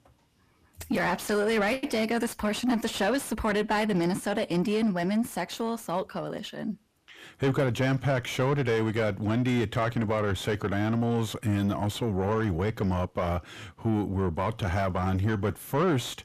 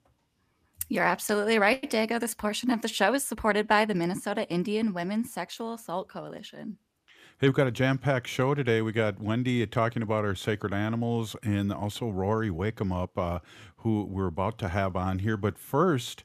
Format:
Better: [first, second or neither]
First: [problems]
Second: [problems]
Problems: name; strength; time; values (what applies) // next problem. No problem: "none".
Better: second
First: distortion; heavy; 7 dB below the speech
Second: none